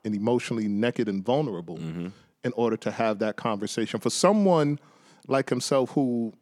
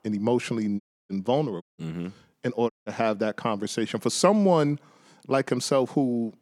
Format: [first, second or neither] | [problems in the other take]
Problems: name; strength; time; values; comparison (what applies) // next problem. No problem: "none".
first | audio cutting out; at 1 s, at 1.5 s and at 2.5 s